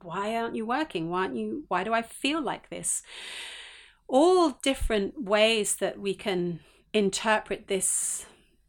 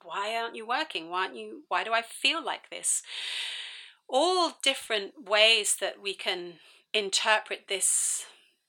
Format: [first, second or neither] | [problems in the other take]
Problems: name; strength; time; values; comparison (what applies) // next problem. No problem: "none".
first | thin; somewhat; fading below 550 Hz